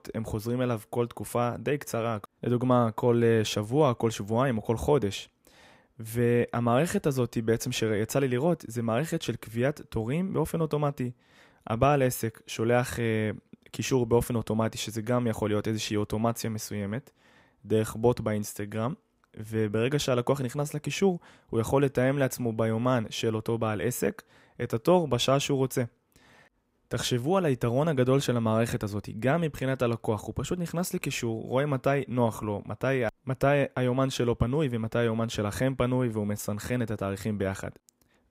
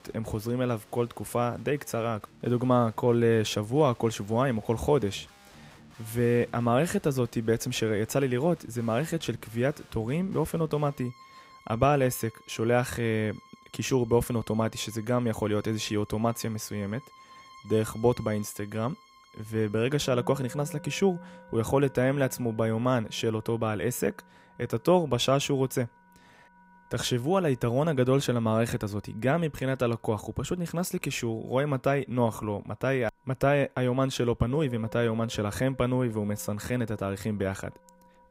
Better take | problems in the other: first | background music; faint; throughout; 25 dB below the speech

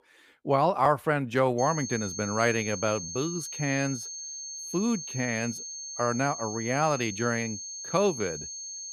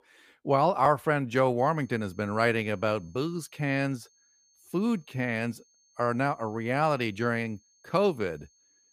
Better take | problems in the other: second | high-pitched whine; loud; from 1.5 s on; 6.5 kHz, 7 dB below the speech; faint in the second

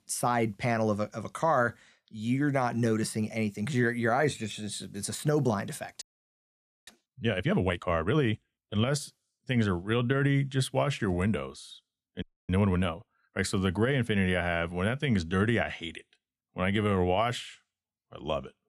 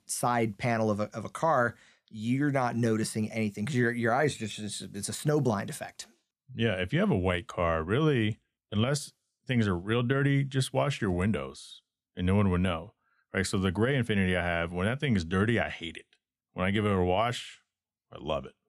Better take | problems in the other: second | audio freezing; at 6 s for 1 s and at 12 s

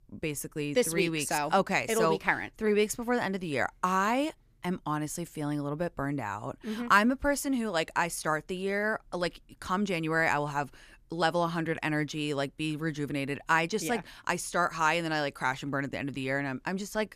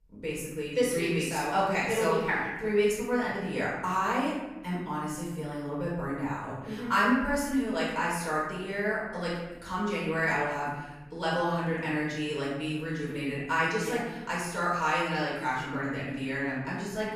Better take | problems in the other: first | off-mic speech; far // room echo; noticeable; dies away in 1 s

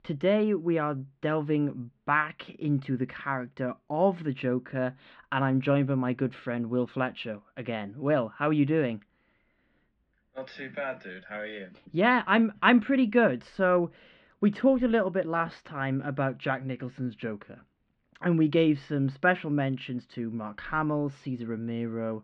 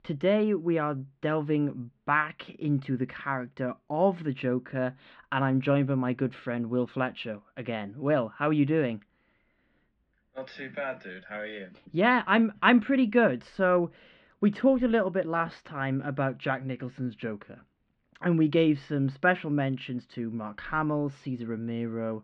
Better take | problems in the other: neither | muffled; very; fading above 3 kHz; the same in both

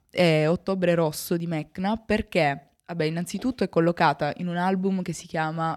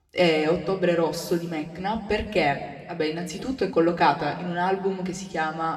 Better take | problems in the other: first | room echo; slight; dies away in 1.4 s

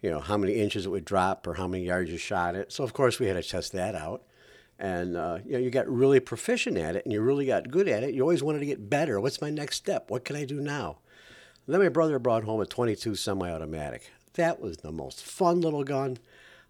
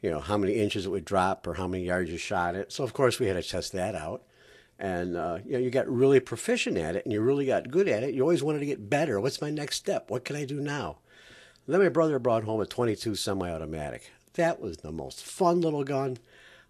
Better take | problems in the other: first | garbled, watery; slightly; nothing above 12.5 kHz

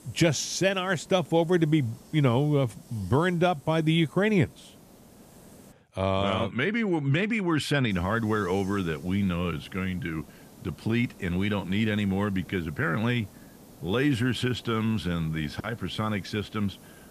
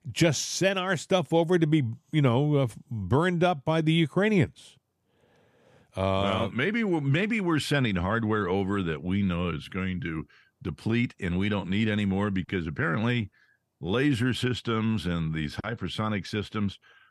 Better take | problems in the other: second | hiss; faint; until 5.5 s and from 8 s on; 25 dB below the speech

